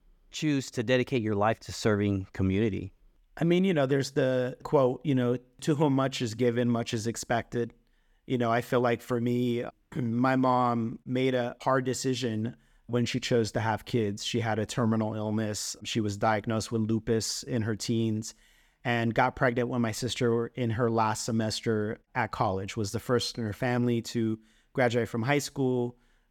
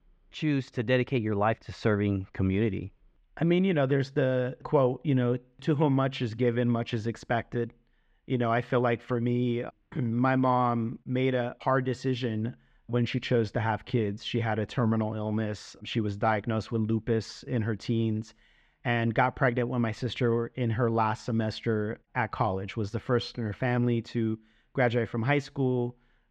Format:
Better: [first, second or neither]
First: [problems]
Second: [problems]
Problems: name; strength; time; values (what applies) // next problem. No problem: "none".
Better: first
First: none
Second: muffled; slightly; fading above 3 kHz